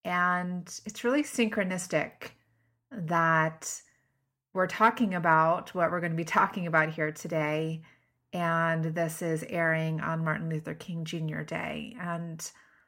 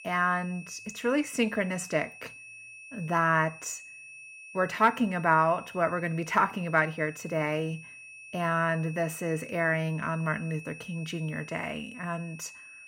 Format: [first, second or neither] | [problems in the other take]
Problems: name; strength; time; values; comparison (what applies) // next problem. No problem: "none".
first | high-pitched whine; noticeable; throughout; 2.5 kHz, 15 dB below the speech